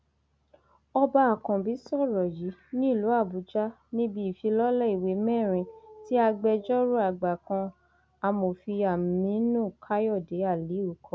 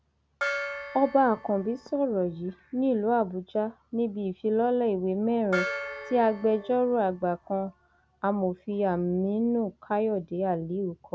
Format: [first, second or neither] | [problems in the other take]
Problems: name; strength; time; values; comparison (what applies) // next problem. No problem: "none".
first | background sound (Gong); 11 dB below the speech